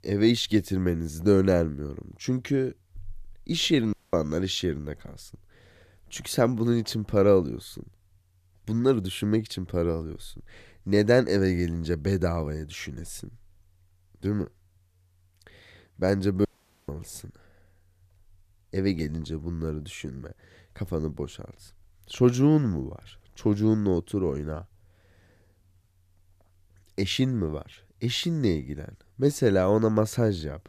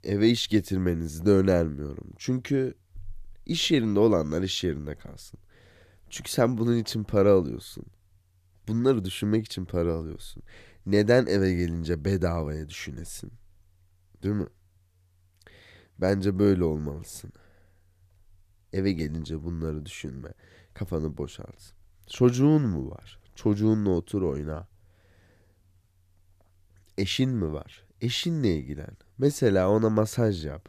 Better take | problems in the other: second | audio cutting out; at 4 s and at 16 s

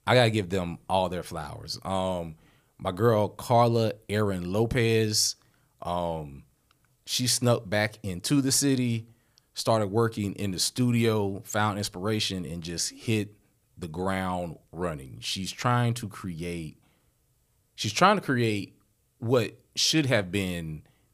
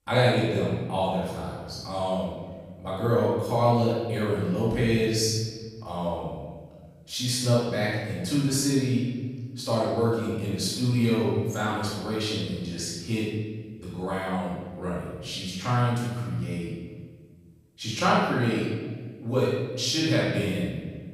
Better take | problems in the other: first | off-mic speech; far // room echo; strong; dies away in 1.4 s

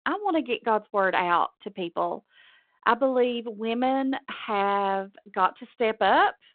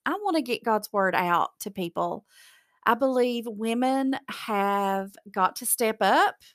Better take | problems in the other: second | phone-call audio

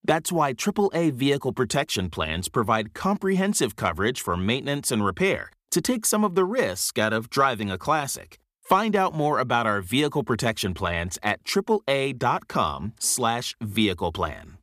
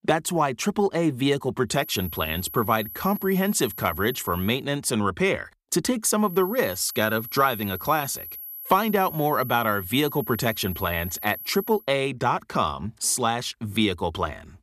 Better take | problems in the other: first | high-pitched whine; noticeable; from 2 to 4.5 s and from 6.5 to 12 s; 11.5 kHz, 10 dB below the speech

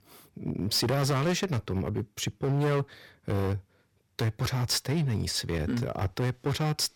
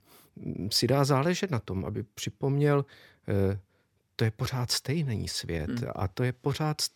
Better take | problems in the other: second | distortion; heavy; 13% of the sound clipped

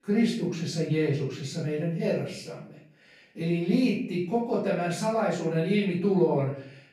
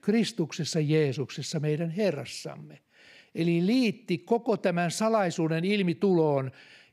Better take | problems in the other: second | off-mic speech; far // room echo; noticeable; dies away in 0.5 s

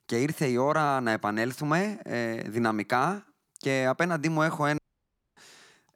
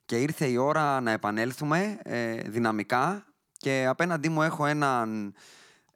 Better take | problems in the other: second | audio cutting out; at 5 s for 0.5 s

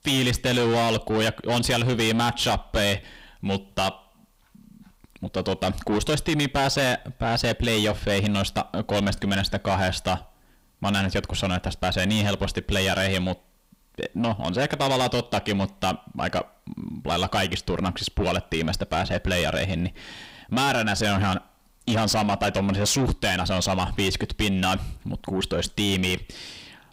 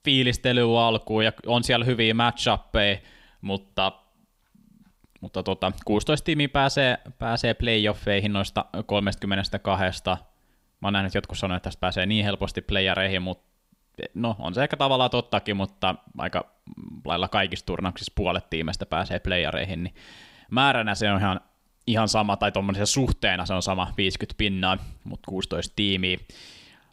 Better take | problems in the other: second | distortion; heavy; 7 dB below the speech

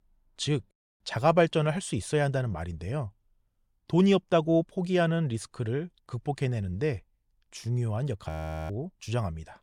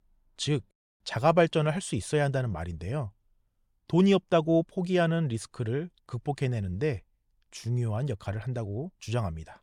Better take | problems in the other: second | audio freezing; at 8.5 s

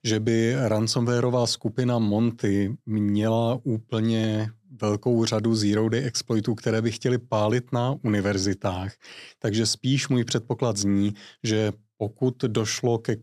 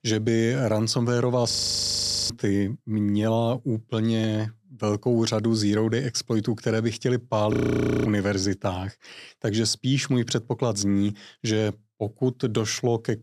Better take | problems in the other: first | audio freezing; at 1.5 s for 1 s and at 7.5 s for 0.5 s

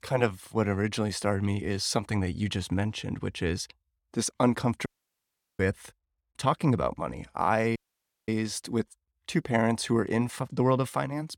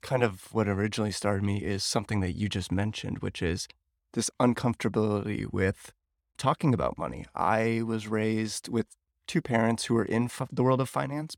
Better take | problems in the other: second | audio cutting out; at 5 s for 0.5 s and at 8 s for 0.5 s

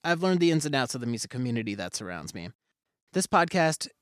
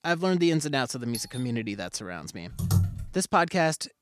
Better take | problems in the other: first | doorbell; faint; at 1 s; peak 10 dB below the speech // keyboard typing; loud; at 2.5 s; peak 1 dB above the speech

